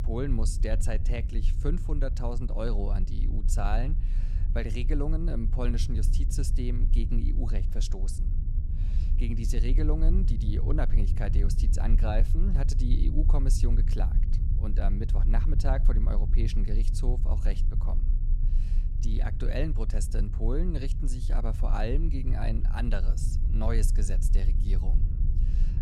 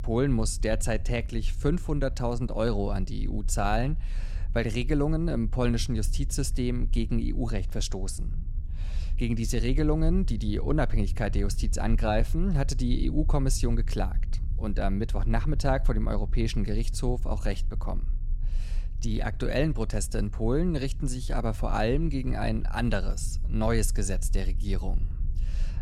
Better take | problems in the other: second | low rumble; loud; throughout; 9 dB below the speech; faint in the second

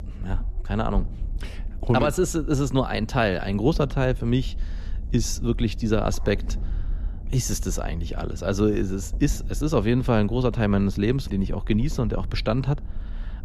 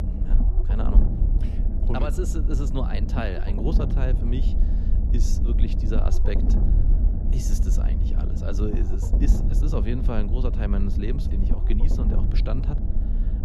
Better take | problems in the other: first | low rumble; loud; throughout; 4 dB below the speech; faint in the first

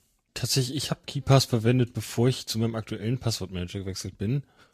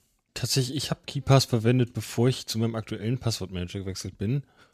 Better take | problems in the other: second | garbled, watery; slightly; nothing above 14.5 kHz

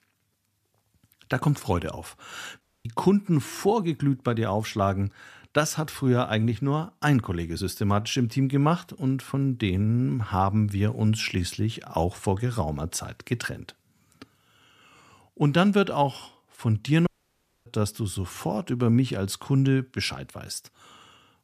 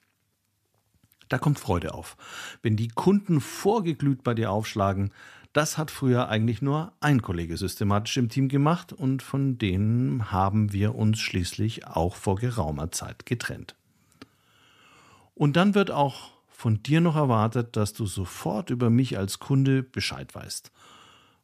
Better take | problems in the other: second | audio cutting out; at 2.5 s and at 17 s for 0.5 s

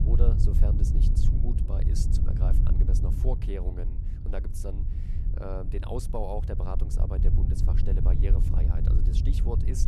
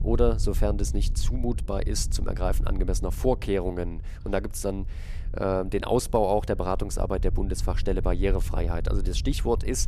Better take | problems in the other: second | low rumble; loud; throughout; 3 dB below the speech; faint in the second

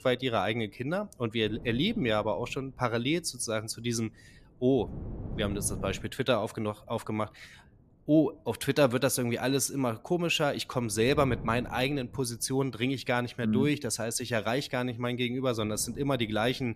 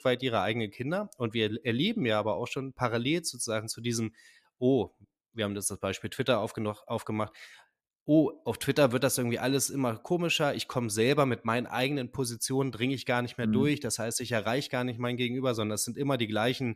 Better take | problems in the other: second | wind noise on the microphone; occasional gusts; 20 dB below the speech

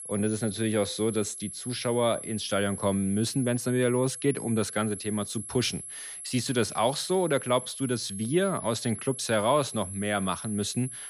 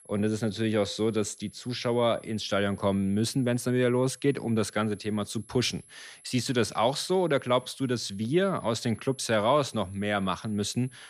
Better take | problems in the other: second | high-pitched whine; loud; throughout; 11 kHz, 9 dB below the speech; faint in the second

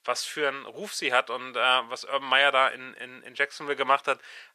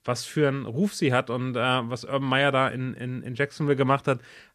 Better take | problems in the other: second | thin; very; fading below 750 Hz

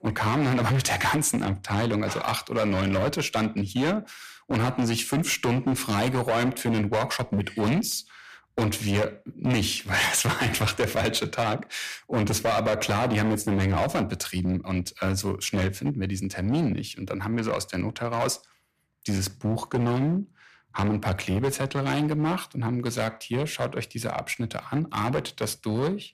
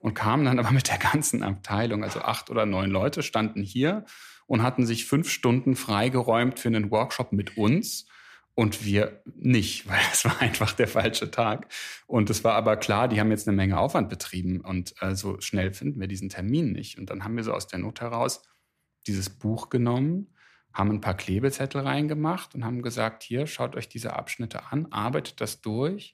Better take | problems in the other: second | distortion; heavy; 13% of the sound clipped

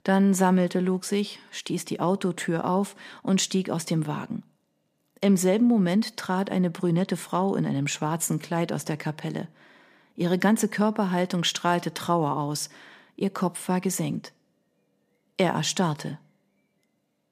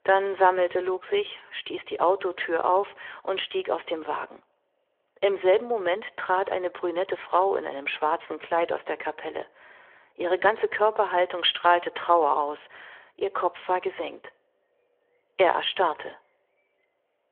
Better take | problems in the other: first | phone-call audio; nothing above 3.5 kHz

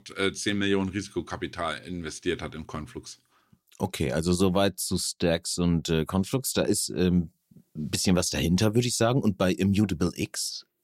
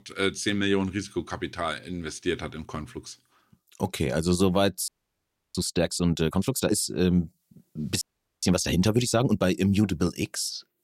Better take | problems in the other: first | audio freezing; at 5 s for 0.5 s and at 8 s

